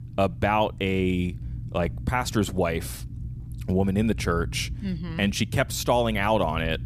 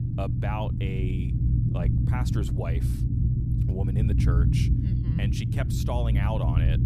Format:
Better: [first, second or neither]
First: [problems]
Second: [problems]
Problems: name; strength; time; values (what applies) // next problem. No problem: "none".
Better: first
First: low rumble; faint; throughout; 25 dB below the speech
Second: low rumble; loud; throughout; 1 dB below the speech